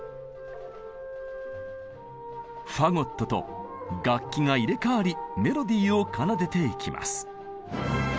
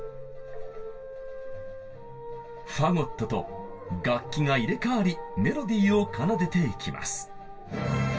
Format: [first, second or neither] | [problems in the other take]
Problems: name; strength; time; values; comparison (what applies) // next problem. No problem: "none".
first | room echo; dies away in 0.1 s